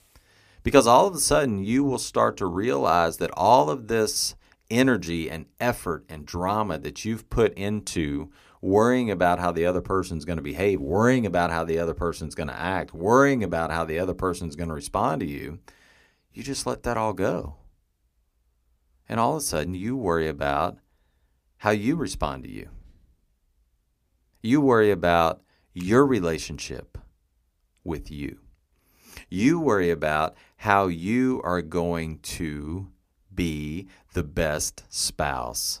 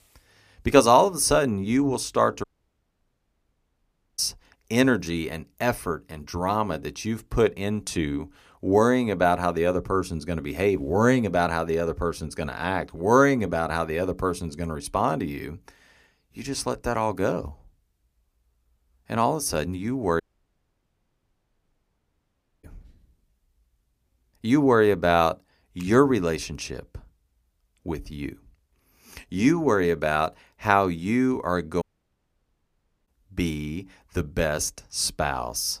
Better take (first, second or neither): first